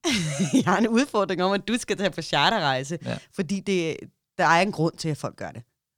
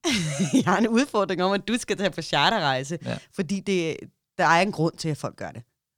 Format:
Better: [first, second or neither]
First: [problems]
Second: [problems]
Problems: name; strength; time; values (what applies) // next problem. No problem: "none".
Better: neither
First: none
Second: none